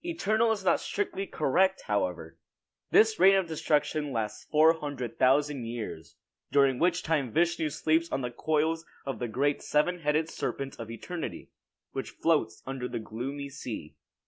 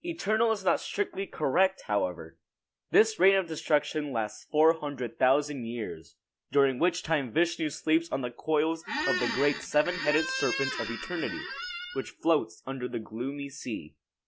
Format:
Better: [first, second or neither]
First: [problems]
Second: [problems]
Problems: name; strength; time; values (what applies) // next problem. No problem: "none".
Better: first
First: none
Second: background sound (Squeak); 6 dB below the speech